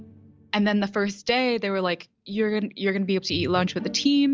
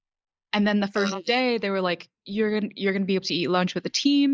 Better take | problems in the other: first | noise reduction (neural mask model Resemble Enhance denoiser)

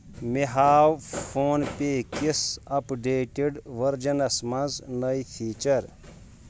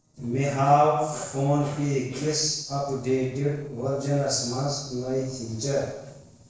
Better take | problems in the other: first | noise reduction (neural separator model SepFormer DNS4)

